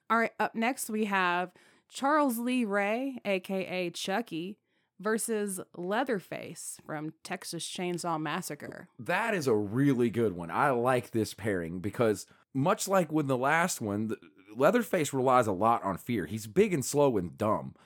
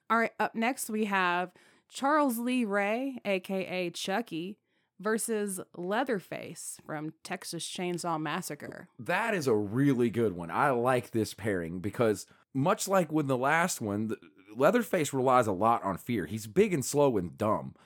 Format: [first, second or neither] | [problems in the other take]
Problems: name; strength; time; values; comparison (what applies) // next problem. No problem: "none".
neither | none